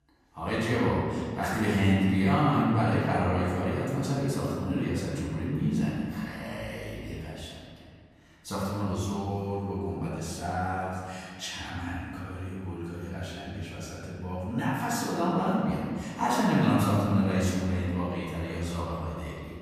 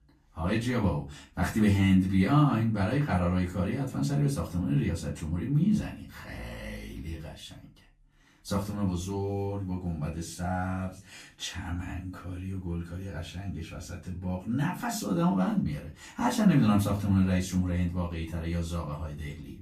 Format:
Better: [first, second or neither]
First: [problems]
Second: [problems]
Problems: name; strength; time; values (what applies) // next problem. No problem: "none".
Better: second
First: room echo; strong; dies away in 1.9 s // off-mic speech; far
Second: room echo; slight; dies away in 0.3 s // off-mic speech; far